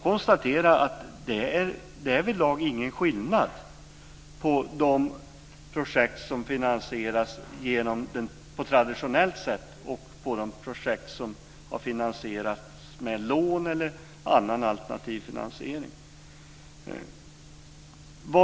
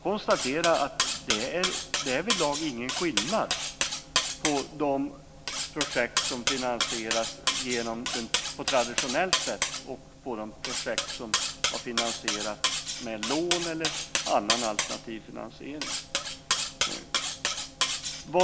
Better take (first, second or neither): first